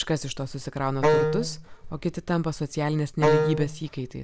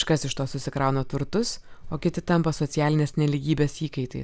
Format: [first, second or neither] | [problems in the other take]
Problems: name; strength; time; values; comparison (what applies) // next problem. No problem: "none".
second | background sound (Wind instrument, woodwind instrument); 4 dB above the speech